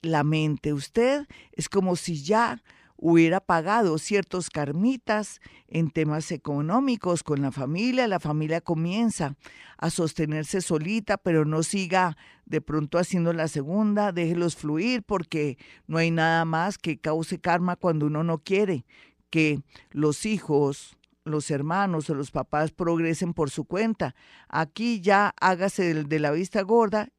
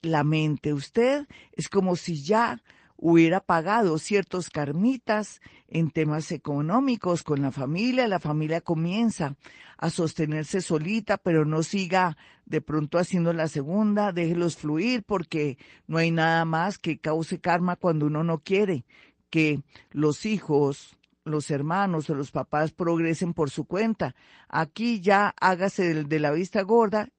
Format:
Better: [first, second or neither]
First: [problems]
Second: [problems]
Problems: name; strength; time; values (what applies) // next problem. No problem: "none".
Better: first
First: none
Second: garbled, watery; slightly; nothing above 8 kHz